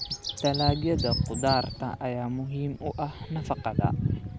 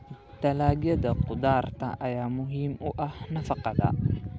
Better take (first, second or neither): second